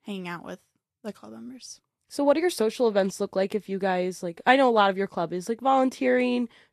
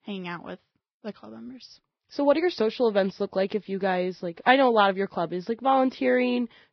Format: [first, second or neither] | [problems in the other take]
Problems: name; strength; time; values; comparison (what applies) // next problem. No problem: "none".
first | garbled, watery; badly; nothing above 5.5 kHz; slightly in the first